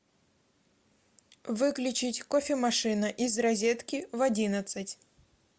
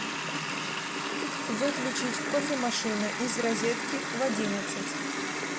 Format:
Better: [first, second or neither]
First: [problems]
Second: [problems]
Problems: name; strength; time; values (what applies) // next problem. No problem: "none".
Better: first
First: none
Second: background sound (Water tap, faucet); as loud as the speech